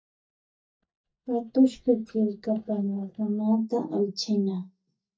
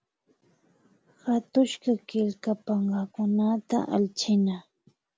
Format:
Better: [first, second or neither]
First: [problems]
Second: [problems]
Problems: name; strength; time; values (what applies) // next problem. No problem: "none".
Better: second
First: noise reduction (neural mask model DeepFilterNet 3)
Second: none